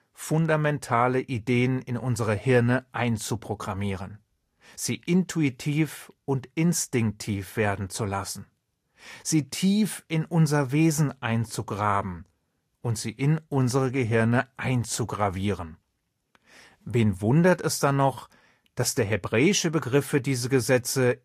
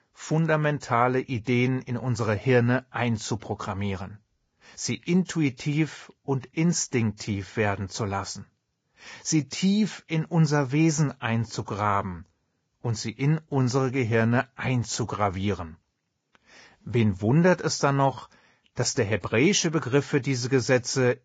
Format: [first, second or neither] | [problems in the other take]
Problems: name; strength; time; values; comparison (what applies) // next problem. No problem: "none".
first | garbled, watery; badly; nothing above 7.5 kHz; slightly in the first